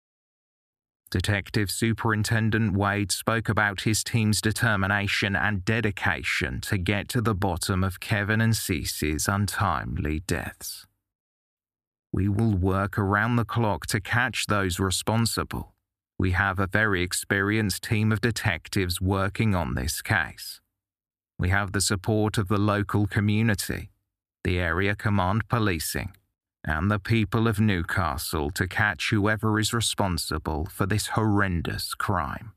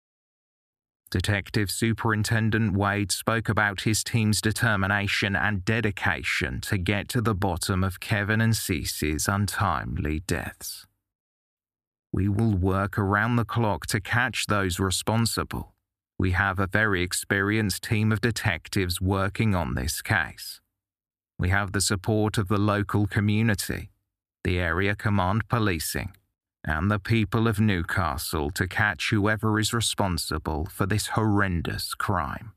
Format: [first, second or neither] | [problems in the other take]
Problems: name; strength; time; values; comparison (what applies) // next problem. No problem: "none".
neither | none